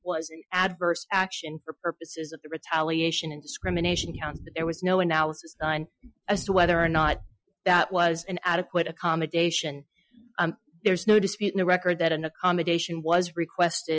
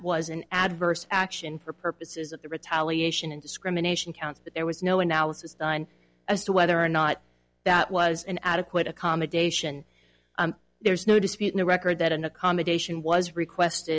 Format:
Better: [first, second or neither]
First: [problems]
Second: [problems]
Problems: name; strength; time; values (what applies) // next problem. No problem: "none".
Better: second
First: noise reduction (classical method Wiener filter)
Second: none